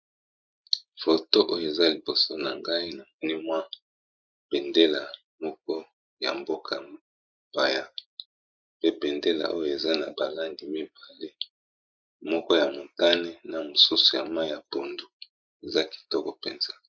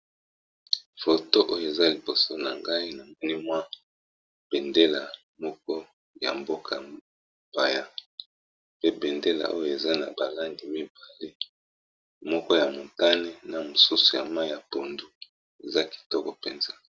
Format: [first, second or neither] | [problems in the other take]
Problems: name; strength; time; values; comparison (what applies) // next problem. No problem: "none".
second | noise reduction (neural mask model Resemble Enhance denoiser)